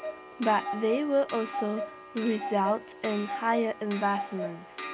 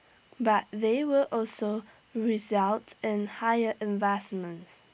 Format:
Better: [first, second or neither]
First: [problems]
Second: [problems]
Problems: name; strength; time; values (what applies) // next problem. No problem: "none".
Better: second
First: background sound (Clock); 8 dB below the speech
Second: none